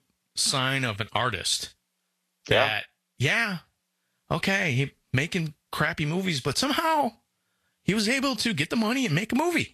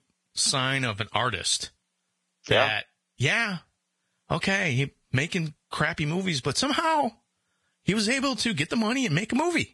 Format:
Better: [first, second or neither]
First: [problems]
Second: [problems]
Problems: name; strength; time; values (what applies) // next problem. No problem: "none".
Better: first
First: garbled, watery; slightly; nothing above 12.5 kHz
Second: garbled, watery; badly; nothing above 10 kHz